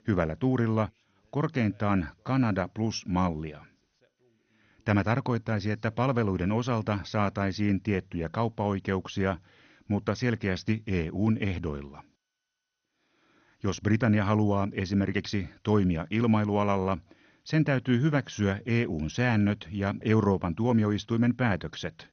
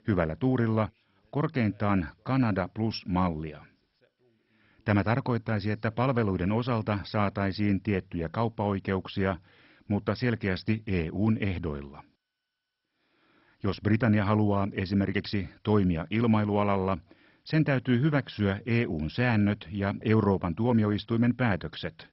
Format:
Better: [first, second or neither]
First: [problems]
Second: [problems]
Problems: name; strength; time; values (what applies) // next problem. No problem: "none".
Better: first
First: garbled, watery; slightly; nothing above 6.5 kHz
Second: garbled, watery; badly; nothing above 5.5 kHz